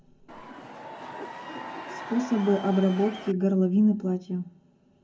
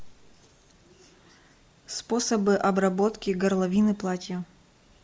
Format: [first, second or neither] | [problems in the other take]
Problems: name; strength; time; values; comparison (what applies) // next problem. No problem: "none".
second | background sound (Crowd / Cheering); 12 dB below the speech // room echo; dies away in 0.3 s